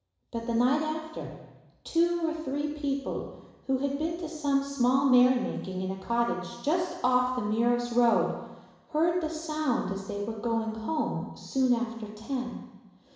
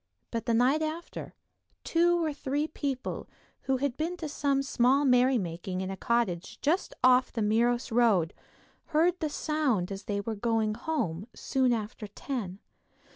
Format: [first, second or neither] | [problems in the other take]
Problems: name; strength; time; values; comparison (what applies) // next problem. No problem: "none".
second | room echo; dies away in 1 s